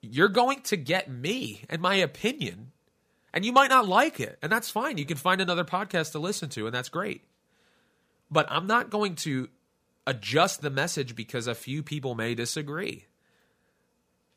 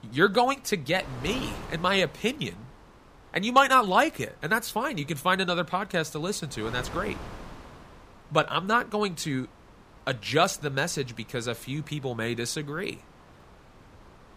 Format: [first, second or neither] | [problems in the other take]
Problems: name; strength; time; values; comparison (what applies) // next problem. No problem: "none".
first | wind noise on the microphone; occasional gusts; 20 dB below the speech